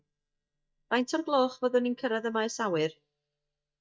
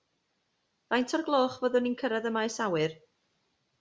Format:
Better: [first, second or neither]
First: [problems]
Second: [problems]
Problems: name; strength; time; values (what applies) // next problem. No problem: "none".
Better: second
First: noise reduction (neural mask model DeepFilterNet 3)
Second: none